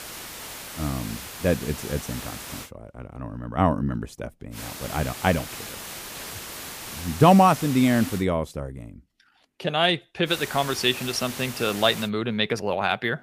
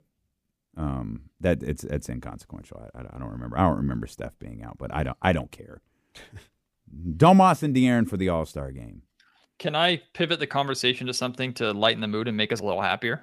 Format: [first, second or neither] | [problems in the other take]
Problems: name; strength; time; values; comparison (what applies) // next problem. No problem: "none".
second | hiss; noticeable; until 2.5 s, from 4.5 to 8 s and from 10 to 12 s; 10 dB below the speech